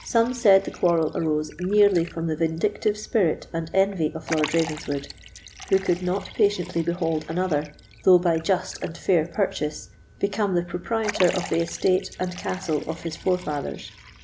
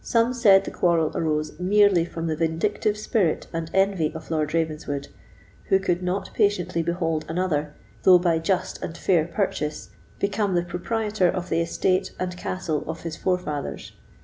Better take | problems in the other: second | background sound (Liquid); 17 dB below the speech

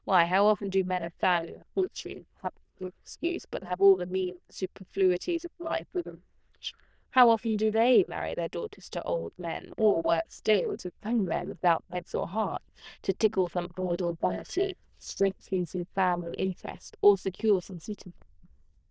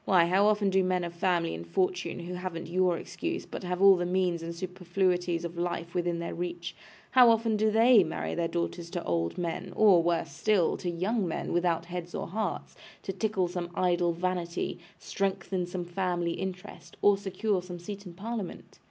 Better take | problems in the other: second | noise reduction (neural diffusion model UNIVERSE++)

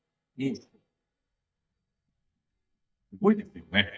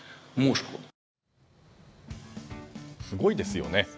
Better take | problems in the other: second | noise reduction (neural mask model DeepFilterNet 3)

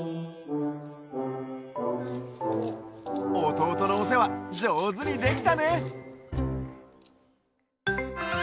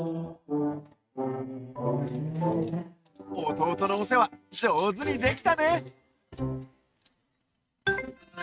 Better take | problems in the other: first | noise reduction (neural mask model RNNoise)

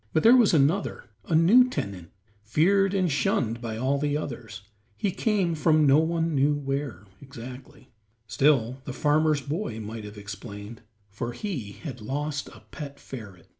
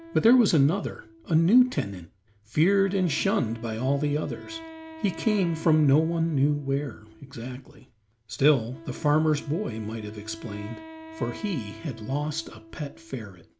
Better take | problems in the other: first | background sound (Wind instrument, woodwind instrument); 18 dB below the speech

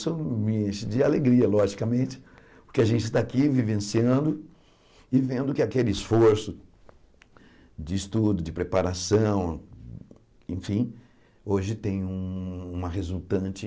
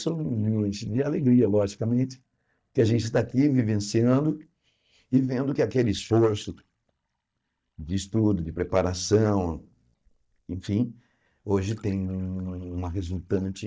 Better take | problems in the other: first | noise reduction (neural mask model DeepFilterNet 3)

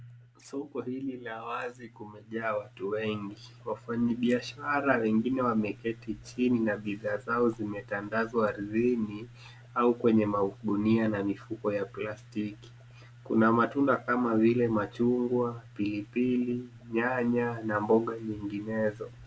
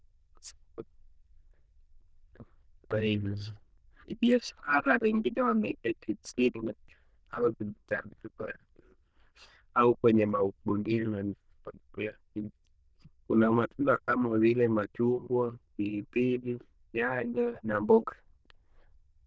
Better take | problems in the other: first | noise reduction (neural diffusion model UNIVERSE++)

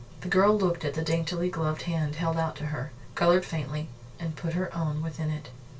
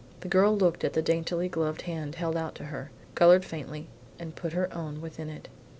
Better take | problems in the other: second | room echo; dies away in 0.2 s

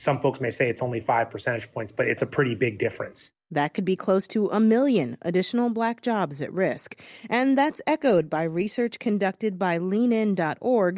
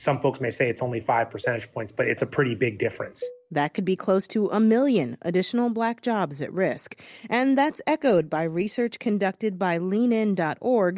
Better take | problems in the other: first | background sound (Cowbell); 19 dB below the speech

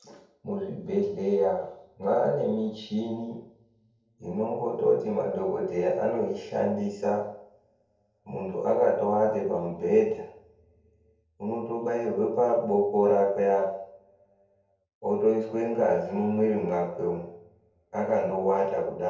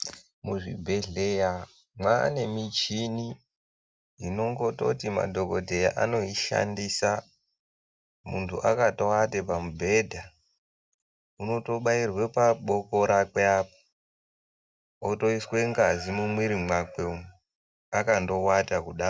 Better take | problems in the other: second | room echo; dies away in 0.7 s

